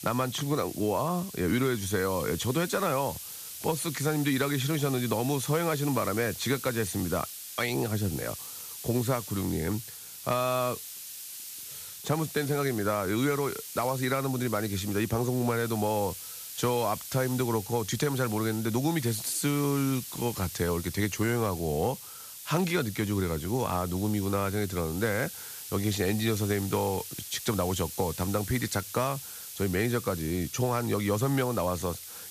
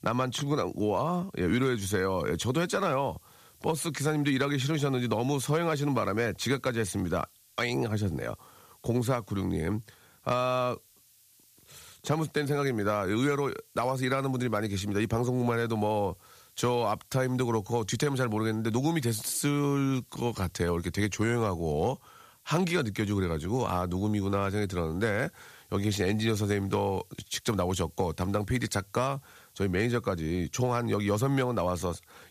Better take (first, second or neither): second